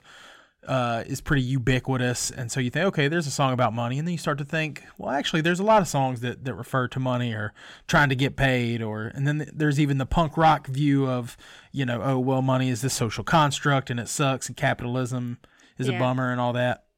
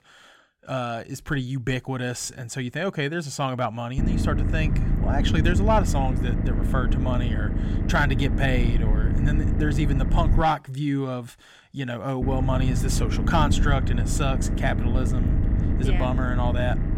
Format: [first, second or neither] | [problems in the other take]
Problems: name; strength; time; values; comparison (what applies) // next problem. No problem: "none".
first | low rumble; loud; from 4 to 10 s and from 12 s on; 7 dB below the speech